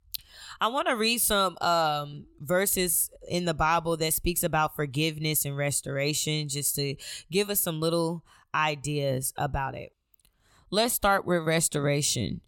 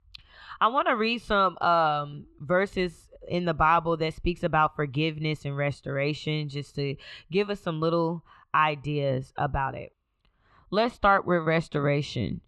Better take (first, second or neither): first